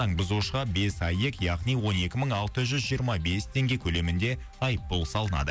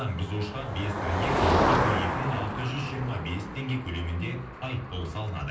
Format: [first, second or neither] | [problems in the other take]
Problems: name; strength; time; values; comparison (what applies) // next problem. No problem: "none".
first | background sound (Motor vehicle (road)); 1 dB above the speech // room echo; dies away in 0.6 s